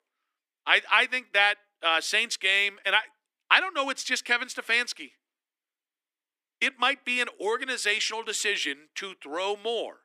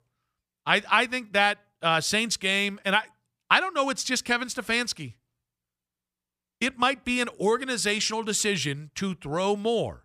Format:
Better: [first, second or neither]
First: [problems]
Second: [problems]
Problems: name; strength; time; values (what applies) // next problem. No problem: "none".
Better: second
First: thin; somewhat; fading below 300 Hz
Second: none